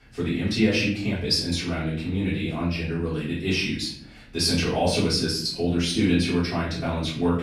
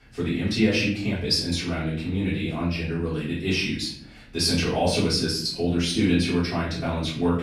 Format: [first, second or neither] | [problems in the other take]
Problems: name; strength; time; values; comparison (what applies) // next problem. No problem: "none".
neither | room echo; noticeable; dies away in 0.6 s; the same in both // off-mic speech; far; the same in both